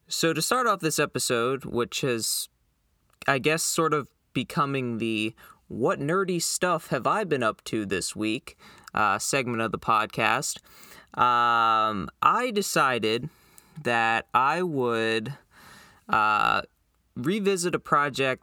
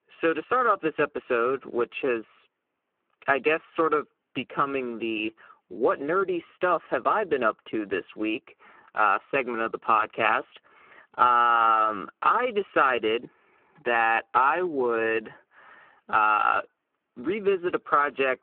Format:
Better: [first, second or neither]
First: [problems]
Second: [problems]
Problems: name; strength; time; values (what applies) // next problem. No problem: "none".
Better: first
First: none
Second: phone-call audio; poor line